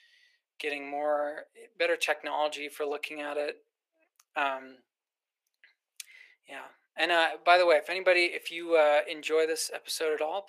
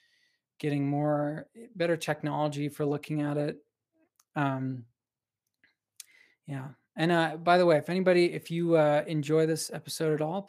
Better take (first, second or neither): second